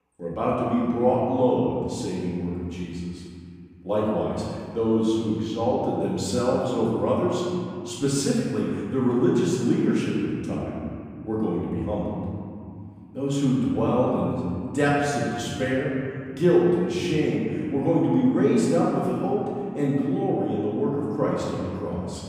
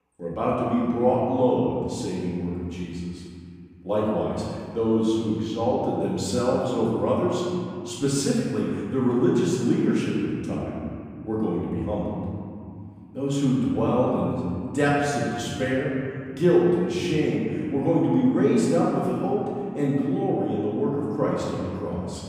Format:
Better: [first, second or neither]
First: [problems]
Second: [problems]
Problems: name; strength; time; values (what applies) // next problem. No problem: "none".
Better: neither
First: room echo; strong; dies away in 2.5 s // off-mic speech; far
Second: room echo; strong; dies away in 2.5 s // off-mic speech; far